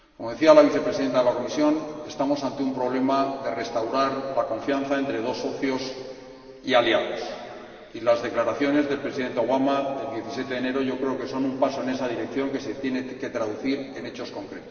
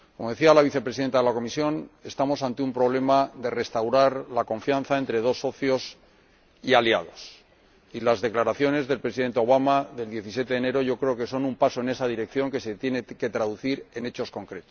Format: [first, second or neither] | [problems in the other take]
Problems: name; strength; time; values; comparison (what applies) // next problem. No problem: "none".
second | room echo; dies away in 2.7 s